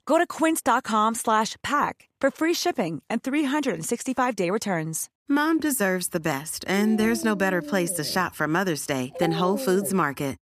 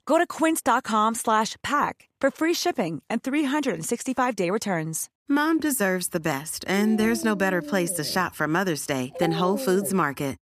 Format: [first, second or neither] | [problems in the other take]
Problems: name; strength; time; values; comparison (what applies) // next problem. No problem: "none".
neither | dog barking; noticeable; from 6.5 to 10 s; peak 6 dB below the speech; the same in both